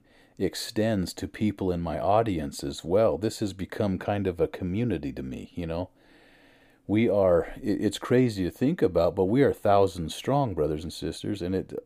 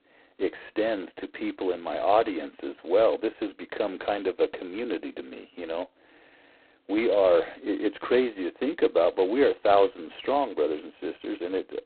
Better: first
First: none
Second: phone-call audio; poor line; nothing above 4 kHz

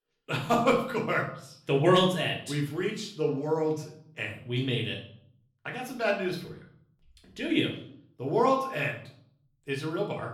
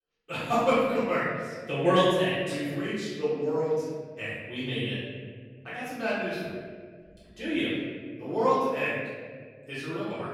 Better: first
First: room echo; slight; dies away in 0.5 s // off-mic speech; far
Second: room echo; strong; dies away in 1.7 s // off-mic speech; far

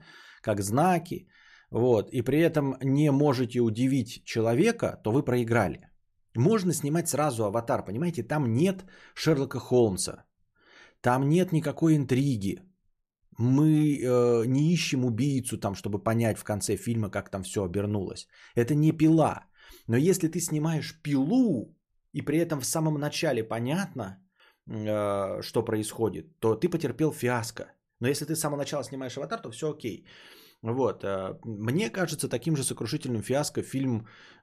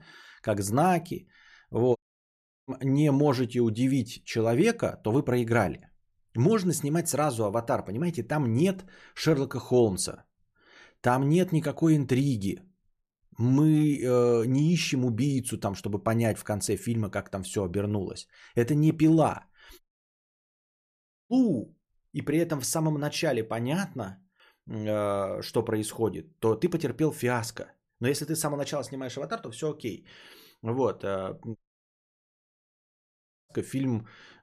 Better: first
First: none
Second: audio cutting out; at 2 s for 0.5 s, at 20 s for 1.5 s and at 32 s for 2 s

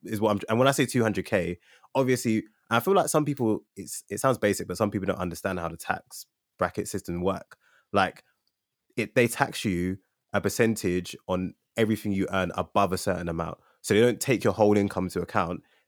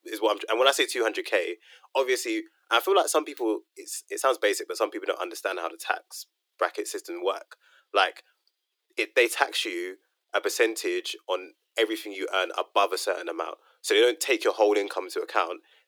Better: first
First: none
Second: thin; very; fading below 350 Hz

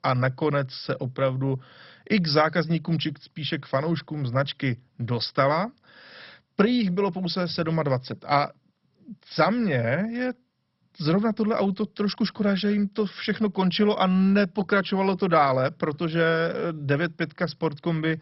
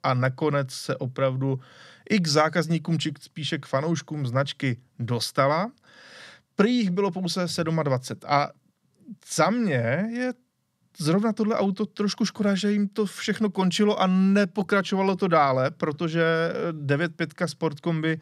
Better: second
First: garbled, watery; badly; nothing above 5.5 kHz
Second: none

